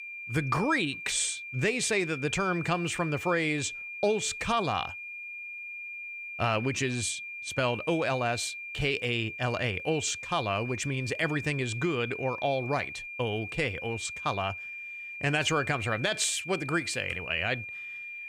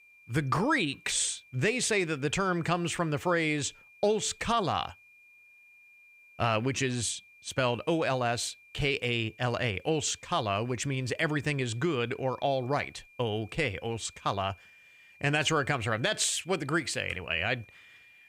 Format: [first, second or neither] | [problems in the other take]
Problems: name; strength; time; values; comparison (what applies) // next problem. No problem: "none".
second | high-pitched whine; loud; throughout; 2.5 kHz, 8 dB below the speech; faint in the second